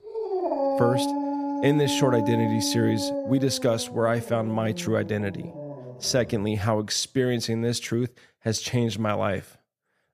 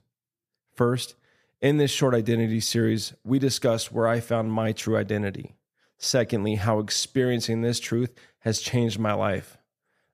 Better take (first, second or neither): second